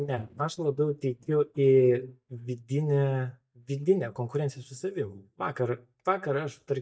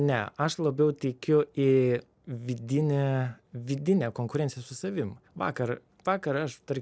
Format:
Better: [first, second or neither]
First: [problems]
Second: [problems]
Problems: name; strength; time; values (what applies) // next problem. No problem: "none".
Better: second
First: noise reduction (neural mask model DeepFilterNet 3)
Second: none